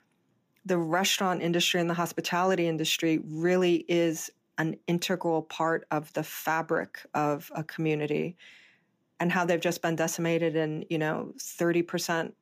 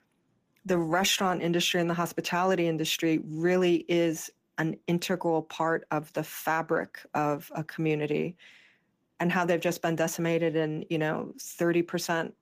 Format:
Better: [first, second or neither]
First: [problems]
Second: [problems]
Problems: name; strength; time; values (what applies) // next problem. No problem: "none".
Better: first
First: none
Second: garbled, watery; slightly; nothing above 15 kHz